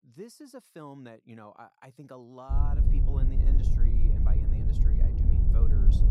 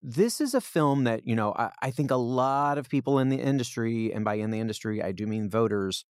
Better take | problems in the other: second | wind noise on the microphone; heavy; from 2.5 s on; 3 dB above the speech

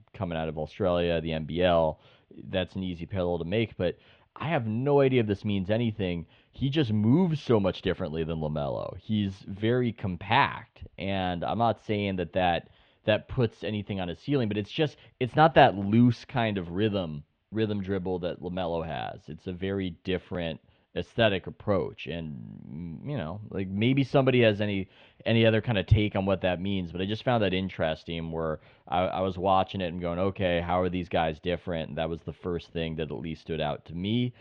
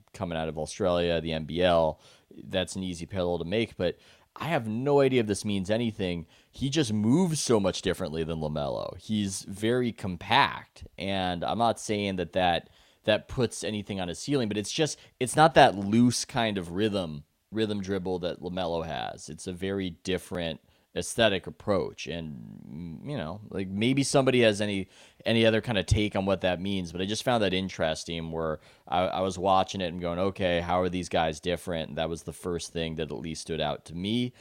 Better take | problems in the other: second | muffled; very; fading above 3 kHz

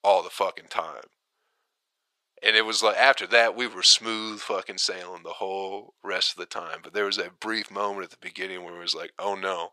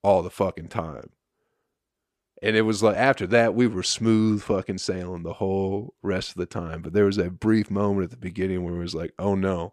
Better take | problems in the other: second | thin; very; fading below 850 Hz

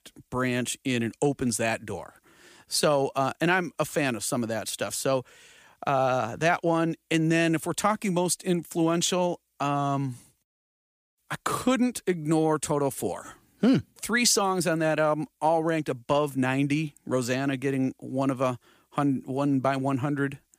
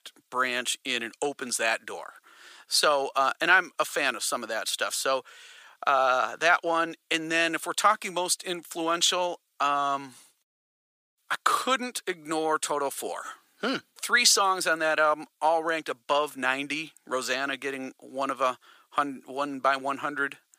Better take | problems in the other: first | thin; very; fading below 500 Hz

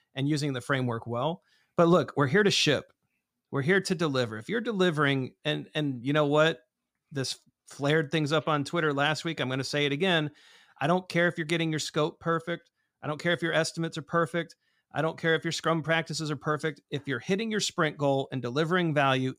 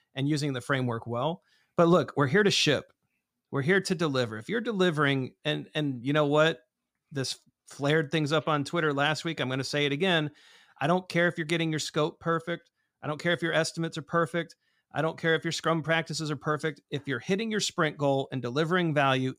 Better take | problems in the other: neither | none

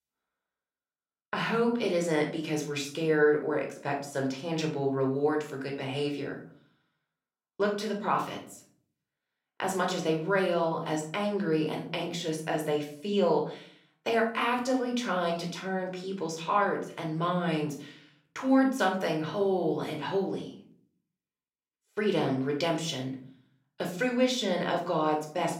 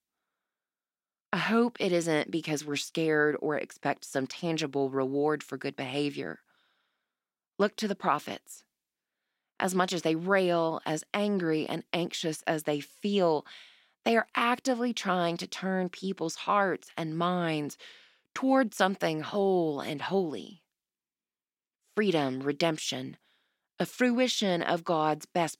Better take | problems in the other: second | off-mic speech; somewhat distant // room echo; slight; dies away in 0.5 s

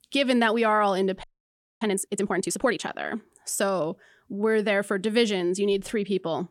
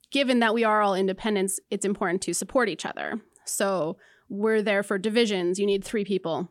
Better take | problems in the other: second | audio freezing; at 1 s for 0.5 s

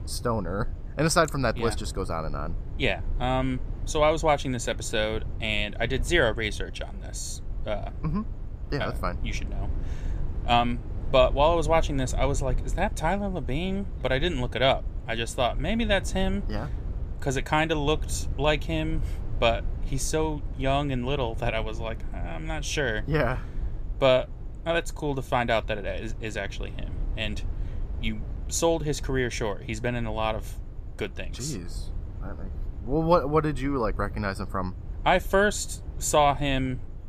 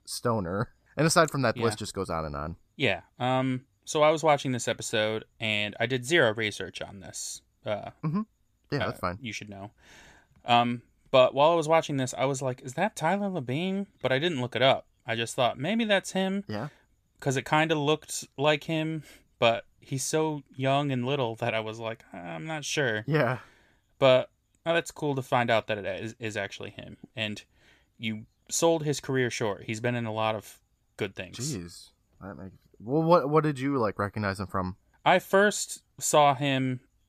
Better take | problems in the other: second | low rumble; faint; throughout; 25 dB below the speech

